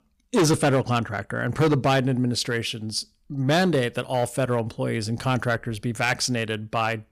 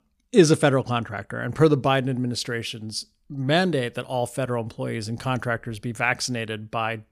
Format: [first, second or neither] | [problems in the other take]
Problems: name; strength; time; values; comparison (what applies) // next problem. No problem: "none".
second | distortion; heavy; 6% of the sound clipped